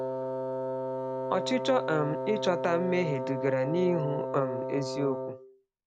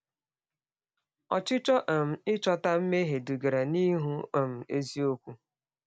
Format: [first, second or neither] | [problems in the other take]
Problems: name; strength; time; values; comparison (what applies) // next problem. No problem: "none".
second | background sound (Wind instrument, woodwind instrument); 3 dB below the speech